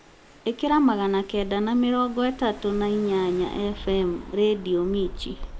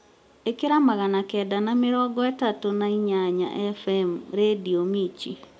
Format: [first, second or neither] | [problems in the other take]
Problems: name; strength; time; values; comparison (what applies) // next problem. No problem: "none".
second | background sound (Engine / Car); 14 dB below the speech